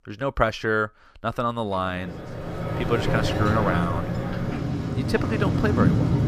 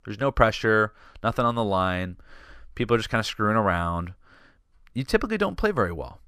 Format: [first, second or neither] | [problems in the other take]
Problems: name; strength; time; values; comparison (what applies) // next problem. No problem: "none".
second | rain or running water; very loud; from 2.5 s on; 1 dB above the speech